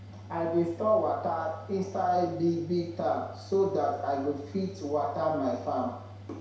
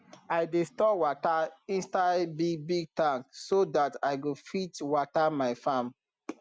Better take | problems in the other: second | background sound (Mechanical fan); 15 dB below the speech // room echo; dies away in 0.7 s

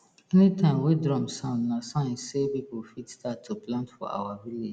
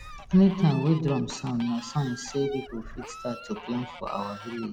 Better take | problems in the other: first | background sound (Fowl); 15 dB below the speech

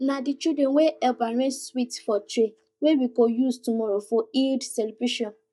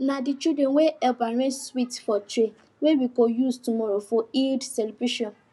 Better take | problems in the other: second | noise reduction (neural mask model DeepFilterNet 3)

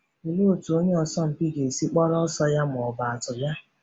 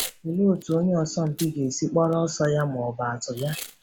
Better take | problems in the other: first | background sound (Packing tape, duct tape / Tearing); 17 dB below the speech

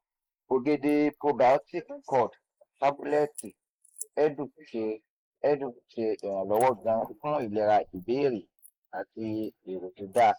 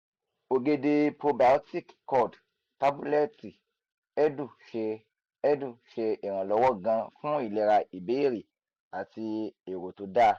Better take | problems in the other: second | noise reduction (neural mask model Resemble Enhance denoiser)

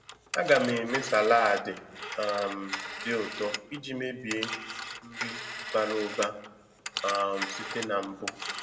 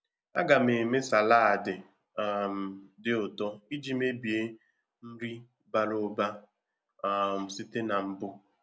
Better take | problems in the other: second | background sound (Telephone); 8 dB below the speech // room echo; dies away in 1 s

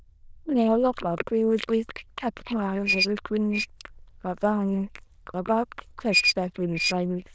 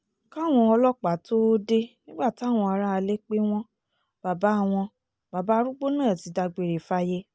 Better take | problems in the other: second | noise reduction (neural diffusion model UNIVERSE++)

